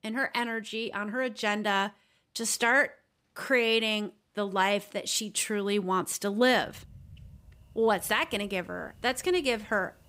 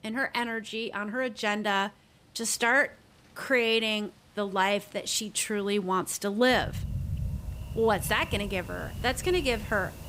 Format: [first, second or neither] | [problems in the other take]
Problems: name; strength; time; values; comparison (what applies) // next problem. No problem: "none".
first | rain or running water; loud; throughout; 10 dB below the speech; faint in the first